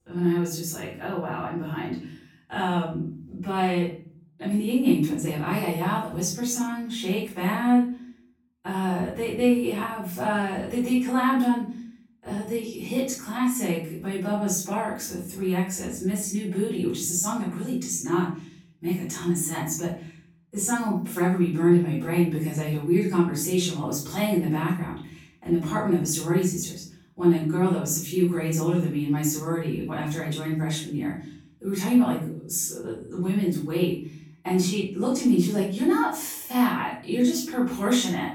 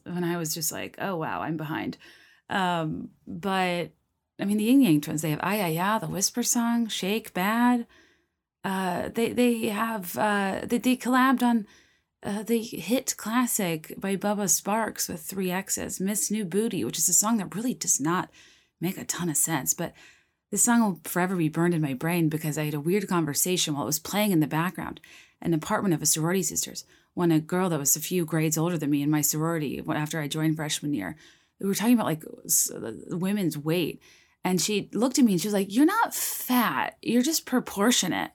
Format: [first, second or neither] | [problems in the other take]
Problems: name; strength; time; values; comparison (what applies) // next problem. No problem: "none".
second | off-mic speech; far // room echo; noticeable; dies away in 0.6 s